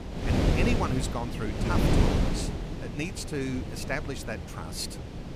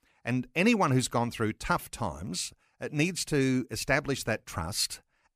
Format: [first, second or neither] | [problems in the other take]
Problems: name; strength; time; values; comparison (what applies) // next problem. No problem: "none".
second | wind noise on the microphone; heavy; as loud as the speech